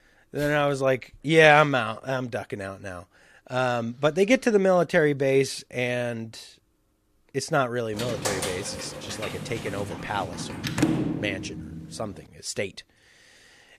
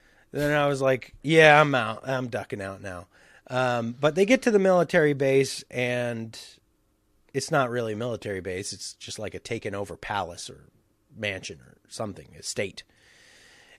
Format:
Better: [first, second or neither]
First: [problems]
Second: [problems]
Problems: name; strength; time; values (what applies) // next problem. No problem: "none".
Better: second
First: door banging; loud; from 8 to 12 s; peak level with the speech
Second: none